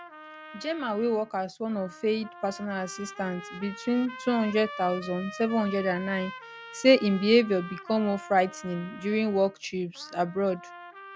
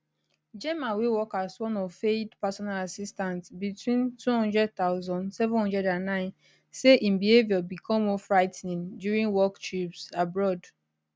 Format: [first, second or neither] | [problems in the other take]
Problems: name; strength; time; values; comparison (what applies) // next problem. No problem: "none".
second | background sound (Trumpet); 16 dB below the speech